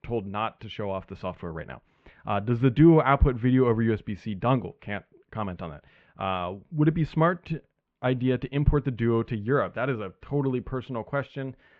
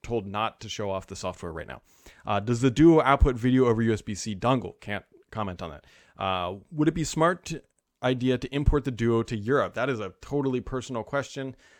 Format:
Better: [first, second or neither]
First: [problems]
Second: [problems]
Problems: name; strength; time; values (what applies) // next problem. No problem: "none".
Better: second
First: muffled; very; fading above 3 kHz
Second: none